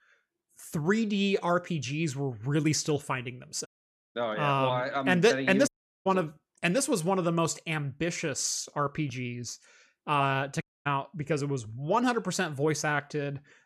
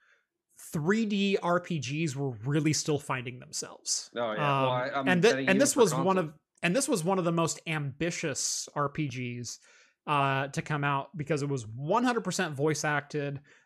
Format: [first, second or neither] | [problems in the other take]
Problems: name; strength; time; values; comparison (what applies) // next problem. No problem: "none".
second | audio cutting out; at 3.5 s, at 5.5 s and at 11 s